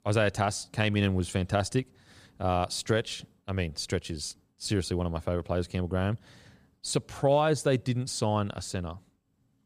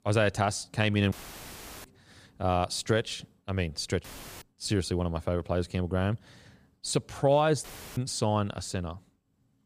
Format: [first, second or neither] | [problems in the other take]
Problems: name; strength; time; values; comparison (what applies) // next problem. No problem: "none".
first | audio cutting out; filled with static; at 1 s for 0.5 s, at 4 s and at 7.5 s